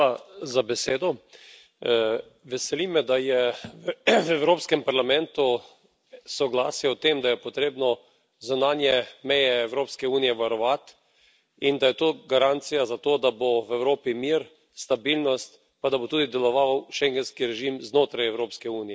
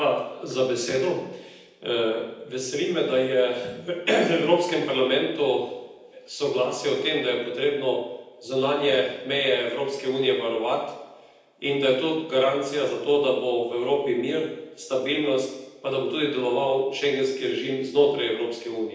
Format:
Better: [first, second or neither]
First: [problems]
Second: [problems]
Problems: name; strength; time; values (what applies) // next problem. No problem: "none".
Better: first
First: none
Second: room echo; dies away in 0.9 s